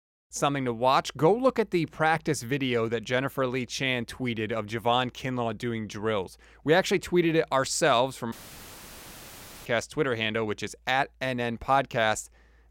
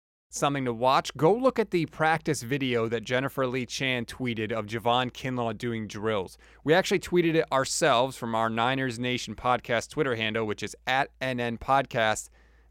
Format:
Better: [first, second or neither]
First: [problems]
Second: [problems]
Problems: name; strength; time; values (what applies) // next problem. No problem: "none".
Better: second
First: audio cutting out; filled with static; at 8.5 s for 1.5 s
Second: none